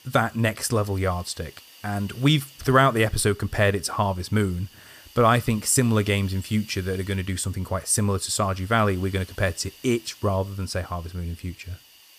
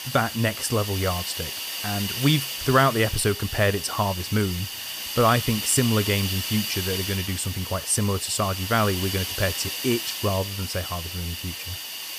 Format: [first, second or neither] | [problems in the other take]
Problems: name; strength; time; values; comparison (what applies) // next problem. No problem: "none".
first | hiss; loud; throughout; 5 dB below the speech; faint in the first